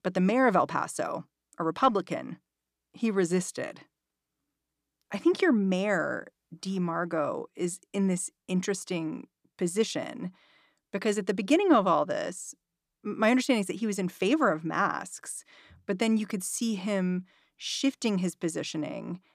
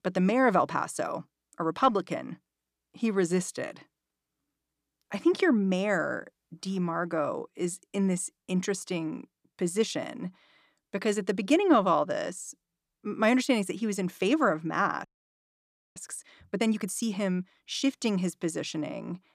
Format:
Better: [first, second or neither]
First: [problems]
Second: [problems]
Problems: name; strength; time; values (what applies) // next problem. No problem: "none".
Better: first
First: none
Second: audio freezing; at 15 s for 1 s